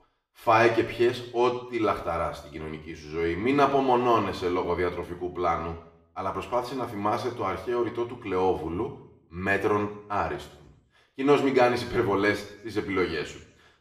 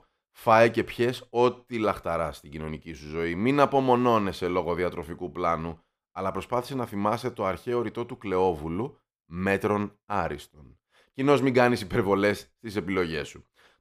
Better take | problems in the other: second | room echo; slight; dies away in 0.6 s // off-mic speech; far

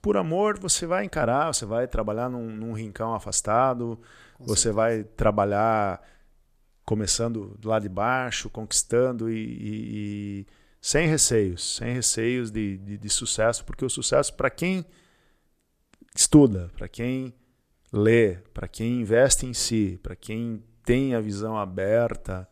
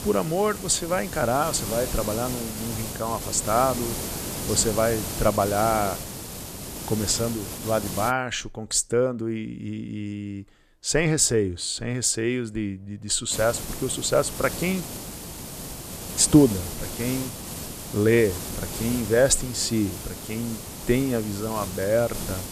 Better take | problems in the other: first | hiss; loud; until 8 s and from 13 s on; 8 dB below the speech

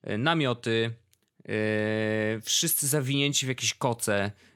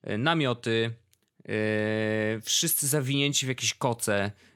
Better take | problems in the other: neither | none

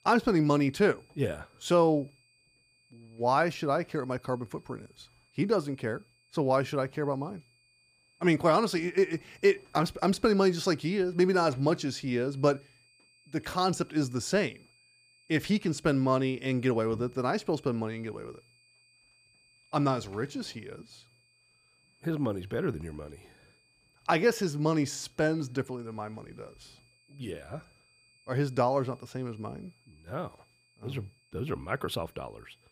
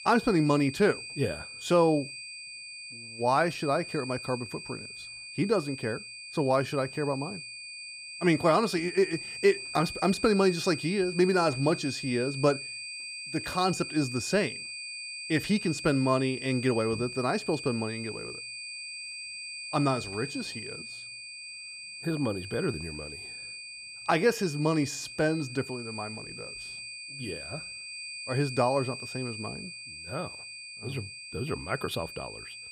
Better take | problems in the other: first | high-pitched whine; loud; throughout; 2.5 kHz, 10 dB below the speech; faint in the first

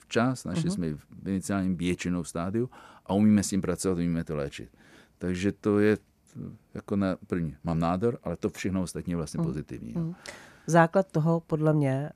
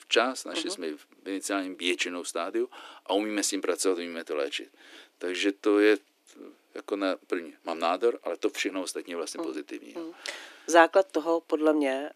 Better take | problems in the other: first | thin; somewhat; fading below 300 Hz

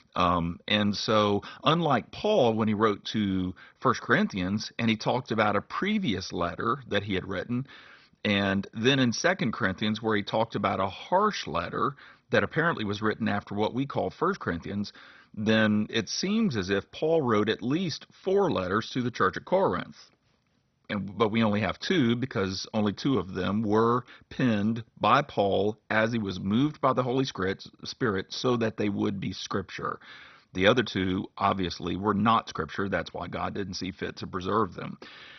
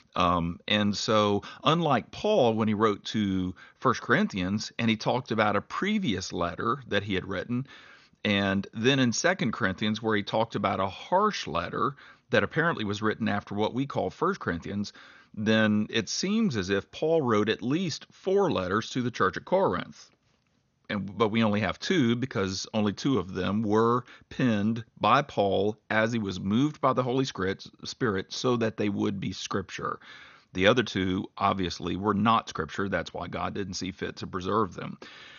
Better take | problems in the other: second | garbled, watery; badly; nothing above 6 kHz; slightly in the second

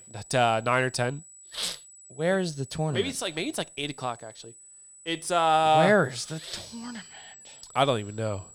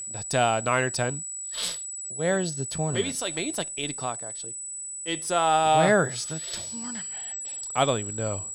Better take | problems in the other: first | high-pitched whine; loud; throughout; 8 kHz, 6 dB below the speech; faint in the first

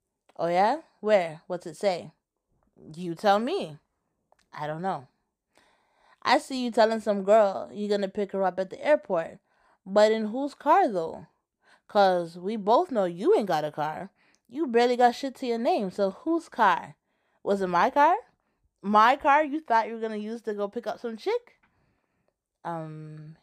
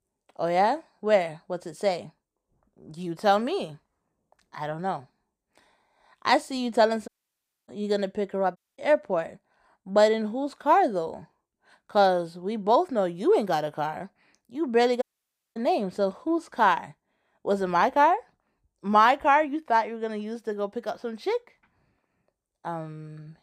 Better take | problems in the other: first | audio cutting out; at 7 s for 0.5 s, at 8.5 s and at 15 s for 0.5 s

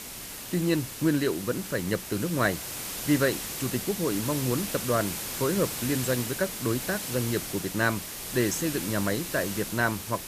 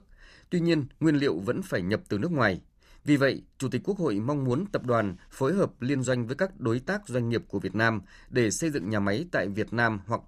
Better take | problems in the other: second | hiss; loud; throughout; 5 dB below the speech

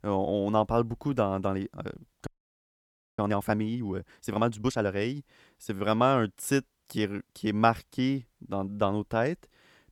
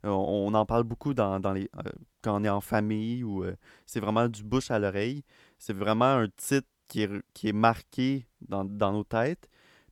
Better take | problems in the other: second | audio freezing; at 2.5 s for 1 s

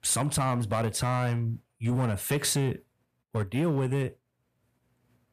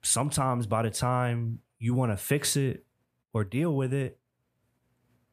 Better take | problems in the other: second | distortion; slight; 7% of the sound clipped

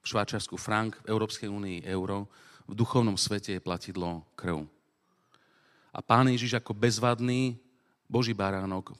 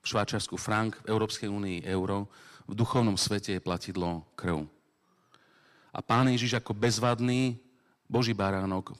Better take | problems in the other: first | distortion; slight; 10 dB below the speech

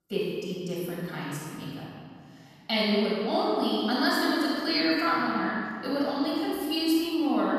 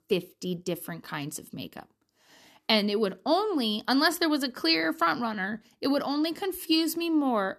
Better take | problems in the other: second | off-mic speech; far // room echo; strong; dies away in 2.1 s

